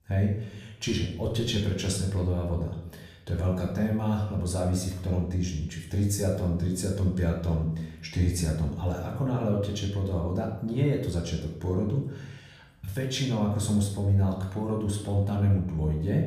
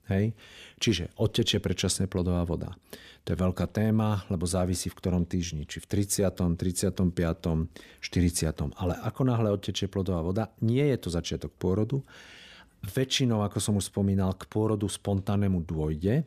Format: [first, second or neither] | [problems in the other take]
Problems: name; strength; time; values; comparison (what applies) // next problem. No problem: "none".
second | off-mic speech; far // room echo; noticeable; dies away in 0.6 s